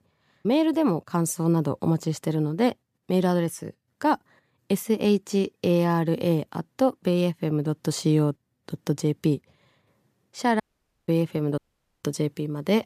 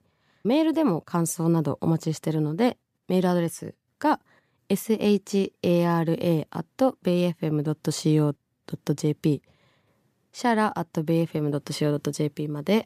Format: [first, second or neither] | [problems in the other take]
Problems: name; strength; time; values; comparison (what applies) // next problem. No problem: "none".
second | audio cutting out; at 11 s and at 12 s